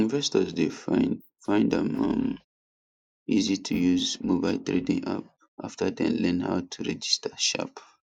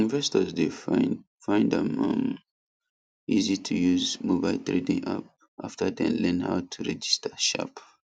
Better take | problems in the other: second | noise reduction (neural mask model Resemble Enhance denoiser)

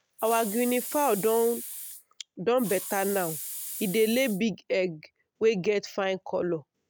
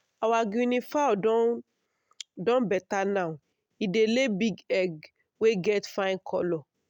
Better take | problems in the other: second | background sound (Hiss); 10 dB below the speech

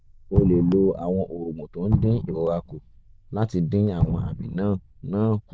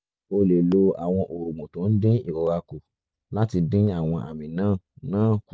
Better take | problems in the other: second | noise reduction (neural diffusion model UNIVERSE++)

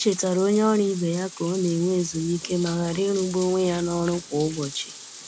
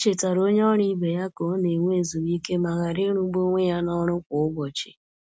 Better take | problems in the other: second | background sound (Bathtub (filling or washing)); 15 dB below the speech

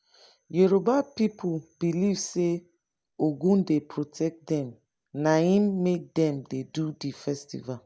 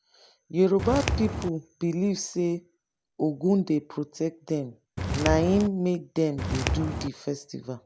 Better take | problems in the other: first | background sound (Walk, footsteps); 1 dB below the speech

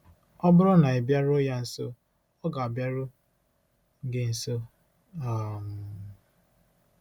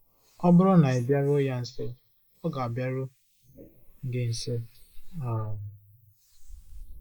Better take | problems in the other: first | noise reduction (neural mask model Resemble Enhance denoiser)

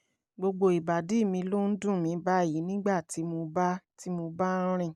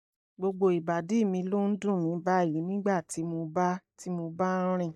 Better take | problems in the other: first | noise reduction (neural mask model DeepFilterNet 3)

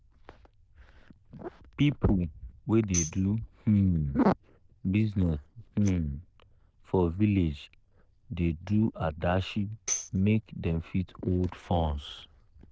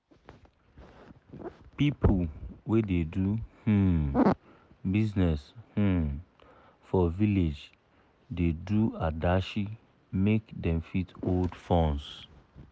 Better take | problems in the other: second | noise reduction (neural diffusion model UNIVERSE++)

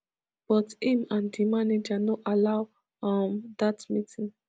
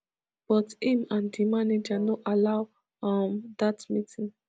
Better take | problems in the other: first | background sound (Wind instrument, woodwind instrument); 19 dB below the speech

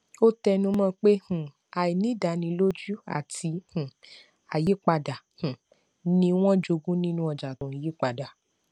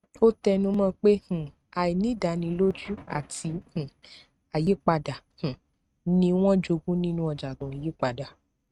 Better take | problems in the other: first | noise reduction (neural mask model RNNoise)

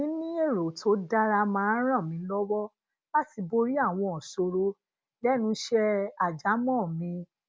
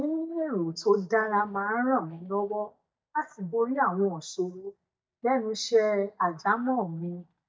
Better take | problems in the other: first | noise reduction (neural mask model DeepFilterNet 3)

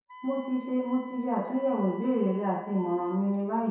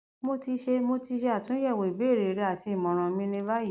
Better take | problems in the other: second | background sound (Wind instrument, woodwind instrument); 19 dB below the speech // room echo; dies away in 0.7 s

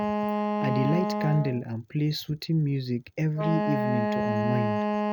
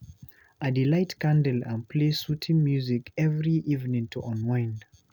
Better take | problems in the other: second | background sound (Wind instrument, woodwind instrument); as loud as the speech

